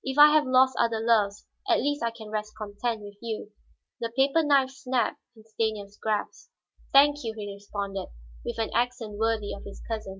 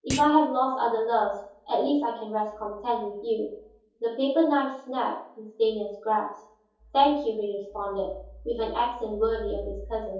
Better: first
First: none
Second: background sound (Thump, thud); 13 dB below the speech // room echo; dies away in 0.6 s

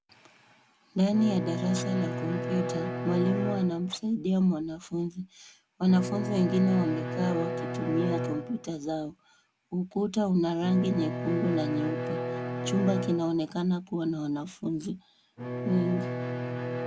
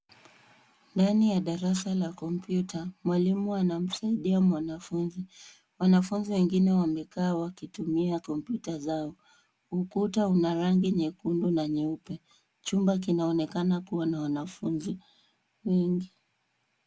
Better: second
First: background sound (Bowed string instrument); 6 dB below the speech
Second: none

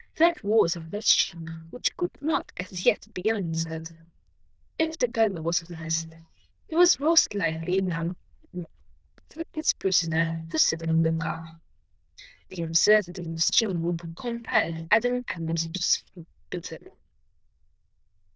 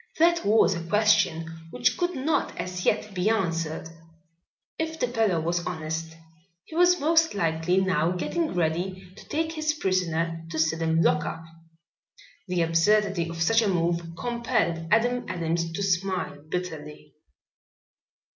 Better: second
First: noise reduction (neural diffusion model UNIVERSE++)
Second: none

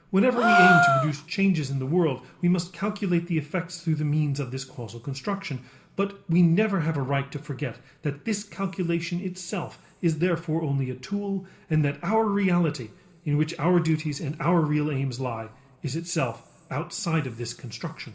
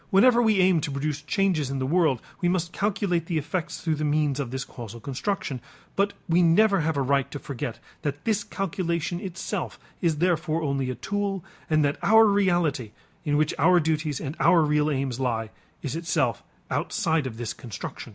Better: second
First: background sound (Gasp); 2 dB above the speech // room echo; dies away in 1.9 s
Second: none

